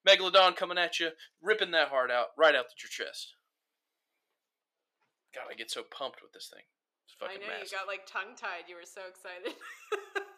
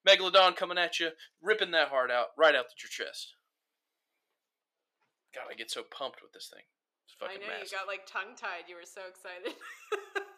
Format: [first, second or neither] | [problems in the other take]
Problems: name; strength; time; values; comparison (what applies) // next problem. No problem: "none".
neither | thin; very; fading below 550 Hz; the same in both